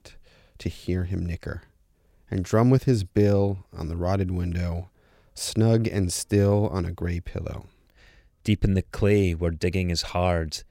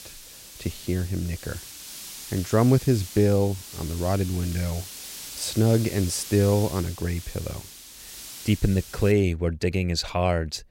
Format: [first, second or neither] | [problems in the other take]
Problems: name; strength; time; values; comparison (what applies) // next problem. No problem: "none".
first | hiss; noticeable; until 9 s; 15 dB below the speech